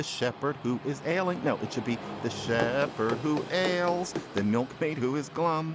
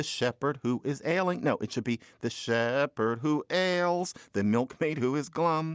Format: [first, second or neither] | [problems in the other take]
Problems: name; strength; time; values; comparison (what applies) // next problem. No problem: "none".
second | background sound (Run + Train); 9 dB below the speech